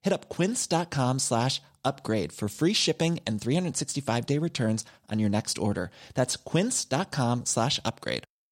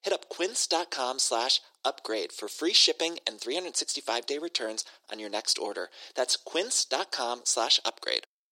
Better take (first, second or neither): first